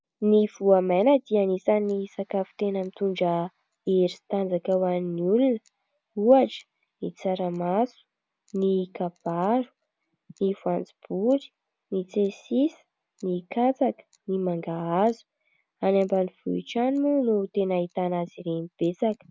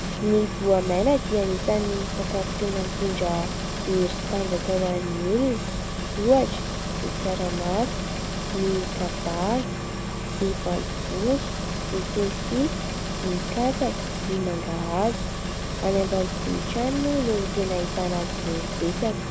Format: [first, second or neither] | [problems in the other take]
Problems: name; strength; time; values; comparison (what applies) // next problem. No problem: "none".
first | background sound (Engine); 2 dB below the speech